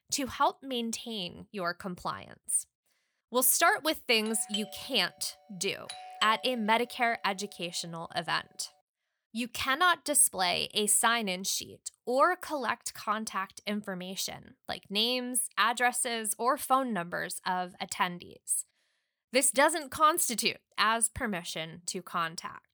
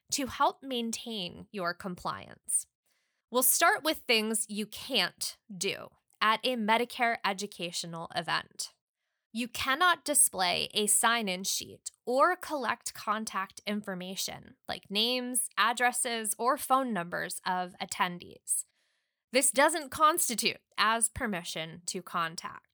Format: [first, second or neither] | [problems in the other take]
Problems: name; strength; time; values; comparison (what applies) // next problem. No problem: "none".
second | doorbell; noticeable; from 4.5 to 6.5 s; peak 8 dB below the speech